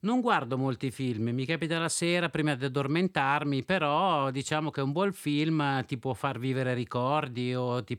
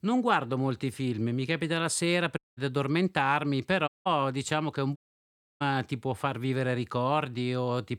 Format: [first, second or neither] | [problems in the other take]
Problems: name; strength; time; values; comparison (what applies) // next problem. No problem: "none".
first | audio cutting out; at 2.5 s, at 4 s and at 5 s for 0.5 s